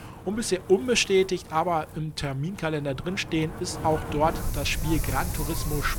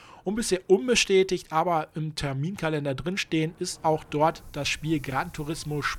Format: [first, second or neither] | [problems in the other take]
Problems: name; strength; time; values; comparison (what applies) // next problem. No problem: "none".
second | wind in the background; loud; throughout; 8 dB below the speech; faint in the second